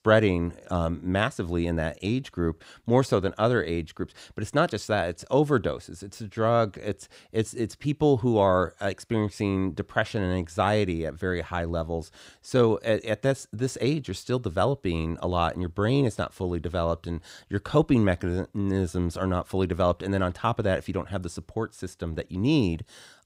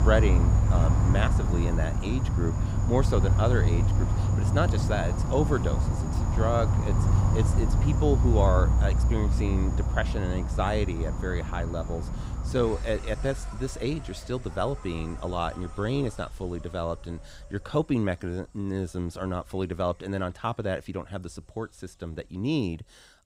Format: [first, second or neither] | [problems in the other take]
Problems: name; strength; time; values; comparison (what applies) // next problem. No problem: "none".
first | animal sounds; very loud; throughout; 4 dB above the speech